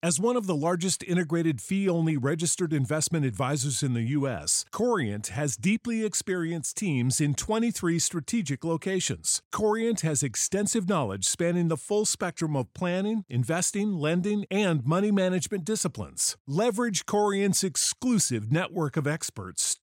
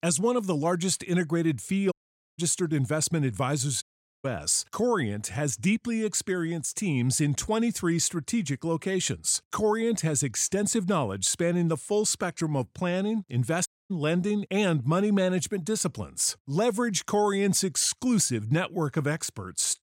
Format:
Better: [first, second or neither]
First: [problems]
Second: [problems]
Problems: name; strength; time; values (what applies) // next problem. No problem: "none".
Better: first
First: none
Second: audio cutting out; at 2 s, at 4 s and at 14 s